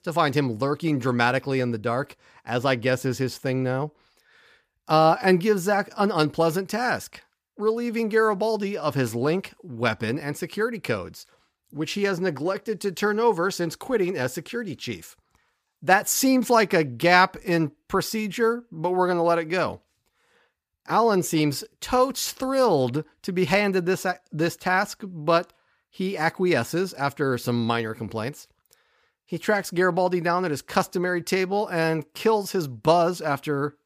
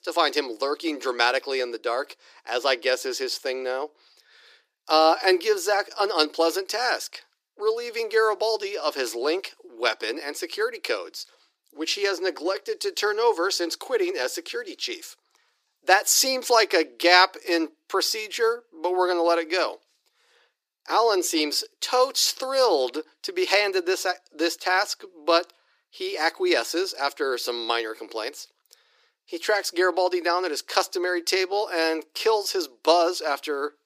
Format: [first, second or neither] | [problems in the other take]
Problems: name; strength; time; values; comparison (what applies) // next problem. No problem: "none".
first | thin; very; fading below 300 Hz